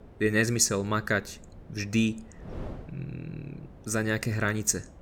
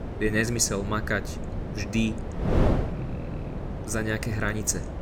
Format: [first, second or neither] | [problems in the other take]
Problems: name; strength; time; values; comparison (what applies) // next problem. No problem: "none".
first | wind noise on the microphone; heavy; 8 dB below the speech; occasional gusts in the first